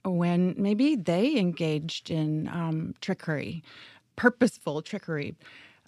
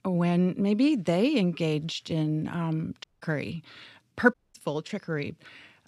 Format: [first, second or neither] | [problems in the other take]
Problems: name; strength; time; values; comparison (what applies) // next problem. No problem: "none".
first | audio cutting out; at 3 s and at 4.5 s